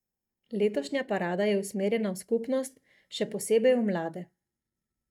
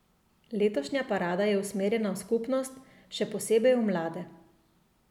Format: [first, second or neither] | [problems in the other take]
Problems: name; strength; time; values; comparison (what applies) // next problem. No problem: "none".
second | noise reduction (neural mask model DeepFilterNet 3)